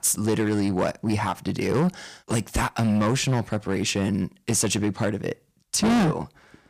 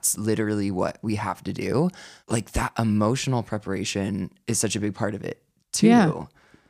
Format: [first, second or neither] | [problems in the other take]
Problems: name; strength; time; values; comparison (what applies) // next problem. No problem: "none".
second | distortion; heavy; 11% of the sound clipped